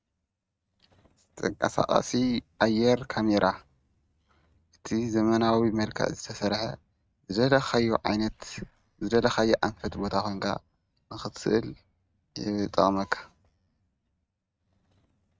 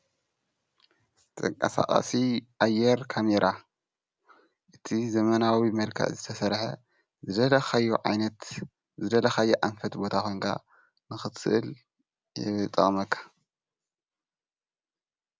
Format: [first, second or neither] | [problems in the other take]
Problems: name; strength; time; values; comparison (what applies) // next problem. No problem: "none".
second | noise reduction (neural mask model RNNoise)